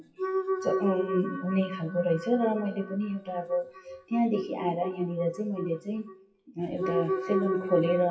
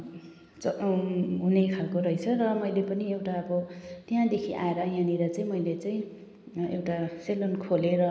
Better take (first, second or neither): second